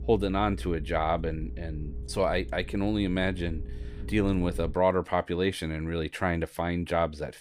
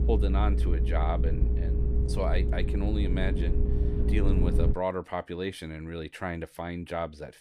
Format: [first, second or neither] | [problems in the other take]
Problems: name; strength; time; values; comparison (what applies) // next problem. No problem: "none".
first | low rumble; loud; until 4.5 s; 5 dB below the speech; faint in the first